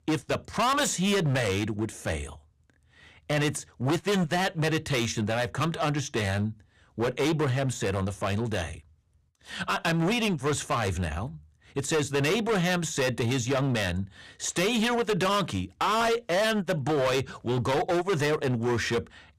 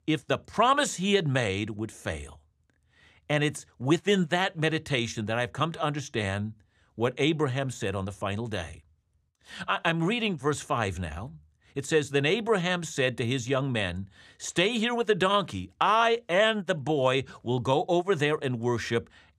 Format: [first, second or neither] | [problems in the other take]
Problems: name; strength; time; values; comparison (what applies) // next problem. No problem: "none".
second | distortion; heavy; 17% of the sound clipped